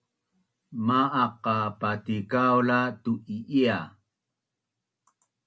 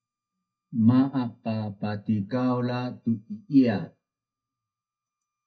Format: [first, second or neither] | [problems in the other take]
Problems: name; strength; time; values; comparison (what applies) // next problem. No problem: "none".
first | noise reduction (neural mask model DeepFilterNet 3)